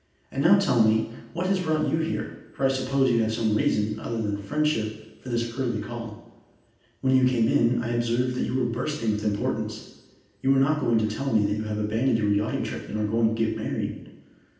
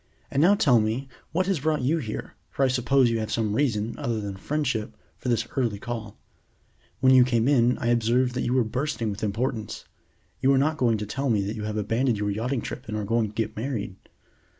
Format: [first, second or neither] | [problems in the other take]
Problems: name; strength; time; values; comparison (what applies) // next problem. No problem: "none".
second | room echo; dies away in 0.9 s